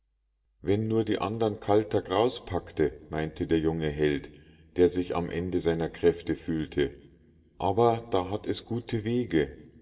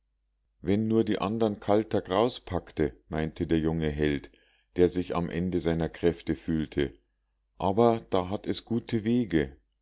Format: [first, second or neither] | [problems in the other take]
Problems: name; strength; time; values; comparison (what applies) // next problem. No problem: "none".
second | room echo; dies away in 0.7 s